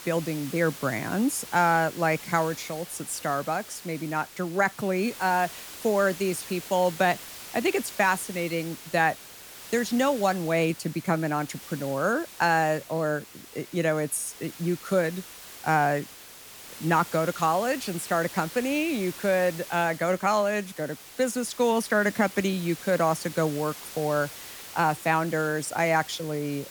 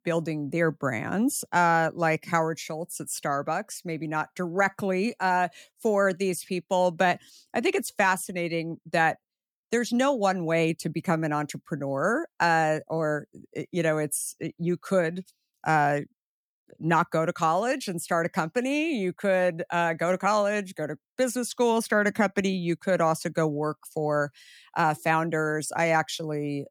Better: second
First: hiss; noticeable; throughout; 15 dB below the speech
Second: none

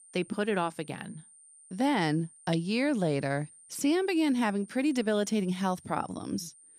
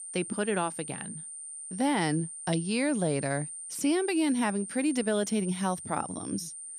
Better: first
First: high-pitched whine; faint; throughout; 9 kHz, 25 dB below the speech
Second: high-pitched whine; loud; throughout; 9 kHz, 9 dB below the speech

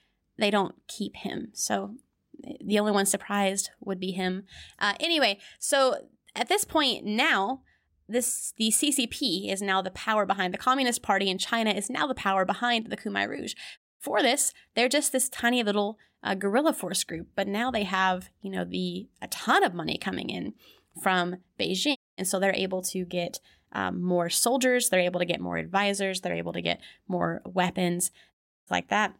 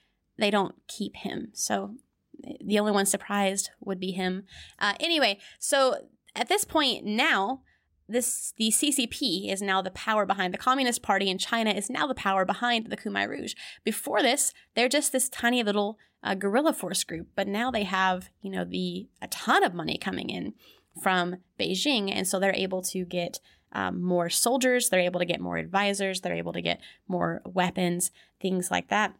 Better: second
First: audio cutting out; at 14 s, at 22 s and at 28 s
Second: none

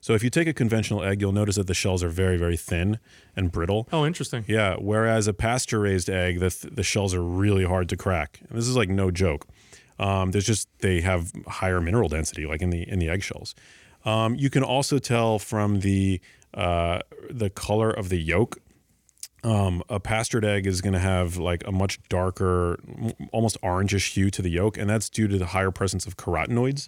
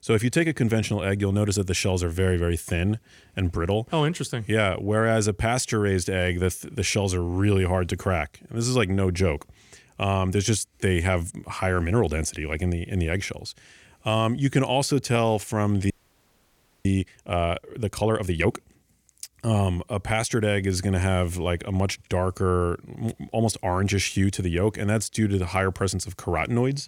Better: first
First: none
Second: audio freezing; at 16 s for 1 s

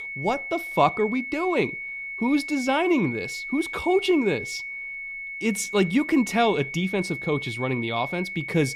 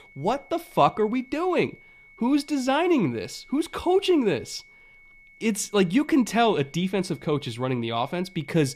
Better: second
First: high-pitched whine; loud; throughout; 2 kHz, 7 dB below the speech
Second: high-pitched whine; faint; throughout; 2 kHz, 25 dB below the speech

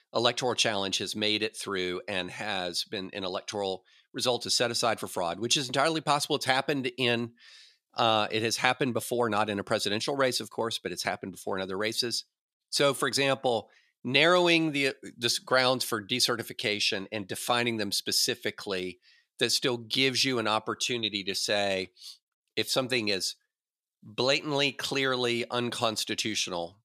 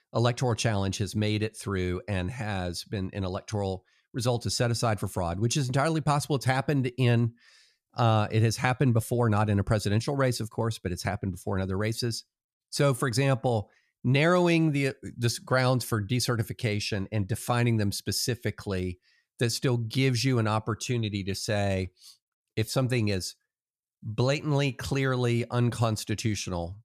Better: second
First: thin; somewhat; fading below 300 Hz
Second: none

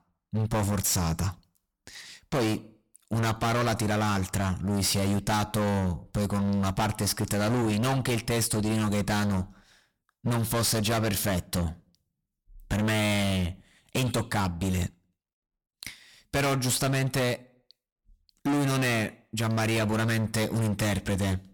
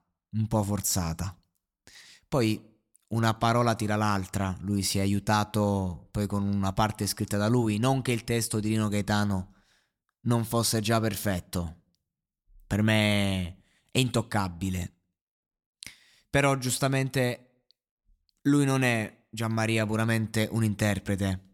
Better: second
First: distortion; heavy; 24% of the sound clipped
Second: none

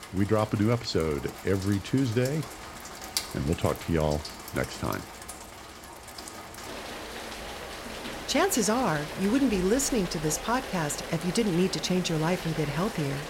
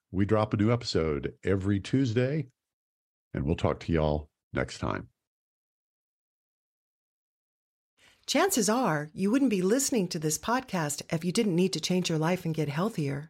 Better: second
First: rain or running water; noticeable; throughout; 10 dB below the speech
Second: none

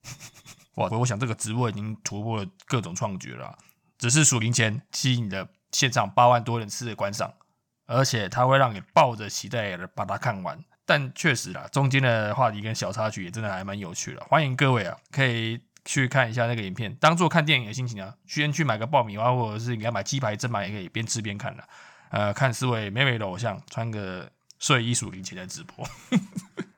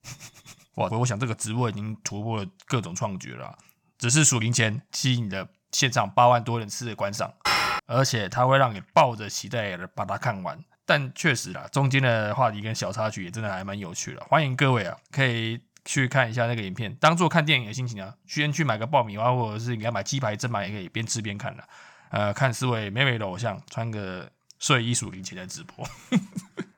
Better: first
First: none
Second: clattering dishes; loud; at 7.5 s; peak 3 dB above the speech

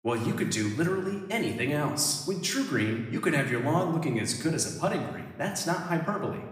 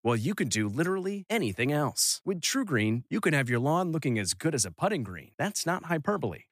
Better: second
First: room echo; slight; dies away in 0.9 s // off-mic speech; somewhat distant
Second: none

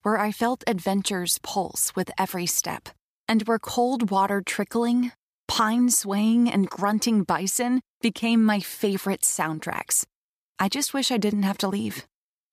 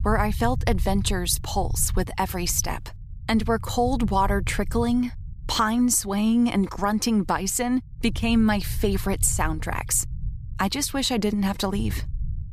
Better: first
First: none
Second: low rumble; faint; throughout; 25 dB below the speech

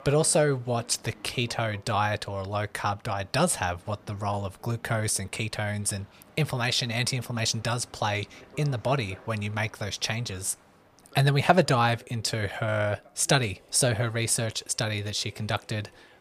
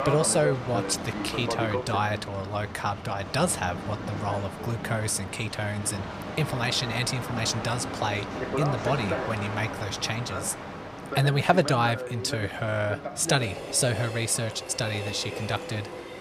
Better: first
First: train or aircraft noise; faint; throughout; 25 dB below the speech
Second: train or aircraft noise; loud; throughout; 6 dB below the speech

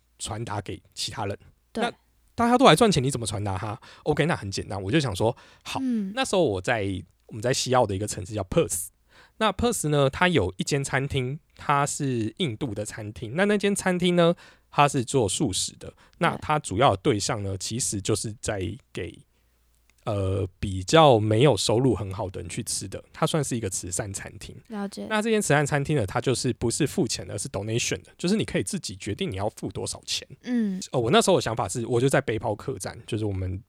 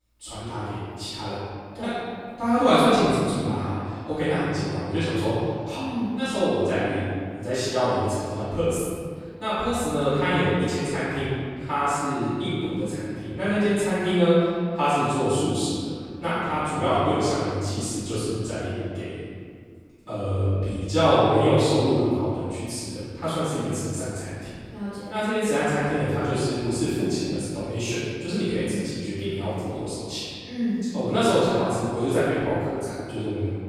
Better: first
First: none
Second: off-mic speech; far // room echo; strong; dies away in 1.9 s

